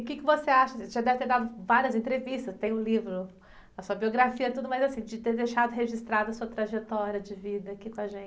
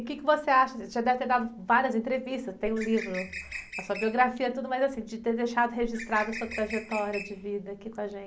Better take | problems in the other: first | background sound (Bird); 11 dB below the speech

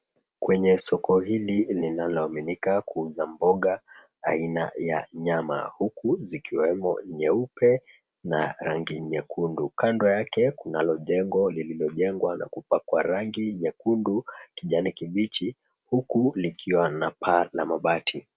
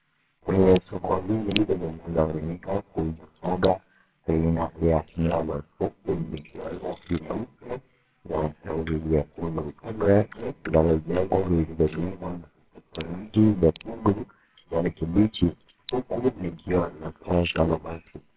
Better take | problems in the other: first | noise reduction (neural separator model SepFormer WHAMR!)

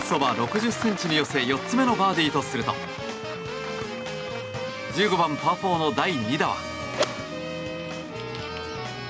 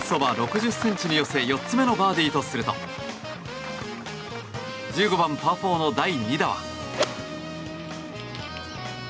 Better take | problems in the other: second | background sound (Bowed string instrument); 11 dB below the speech

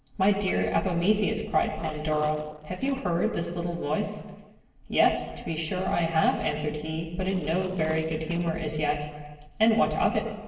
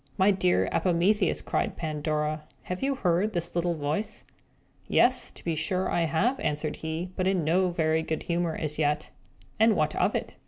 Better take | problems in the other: second | noise reduction (neural separator model SepFormer DNS4)

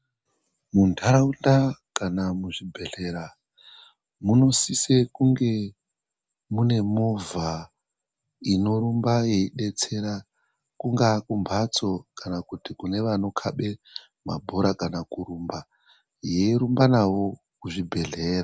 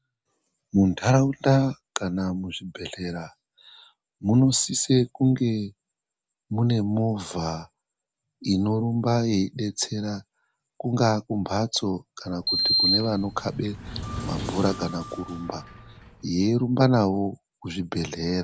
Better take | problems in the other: first | background sound (Sliding door); 4 dB below the speech

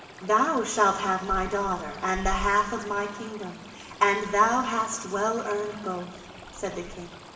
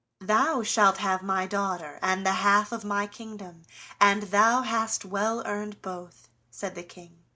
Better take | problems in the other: second | background sound (Stream); 13 dB below the speech // room echo; dies away in 1.9 s

